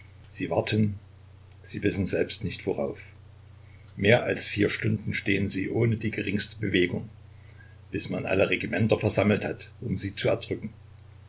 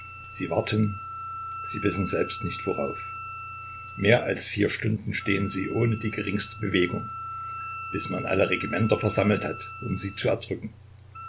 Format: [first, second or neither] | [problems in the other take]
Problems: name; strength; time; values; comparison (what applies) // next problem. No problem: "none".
first | background sound (Wind instrument, woodwind instrument); 11 dB below the speech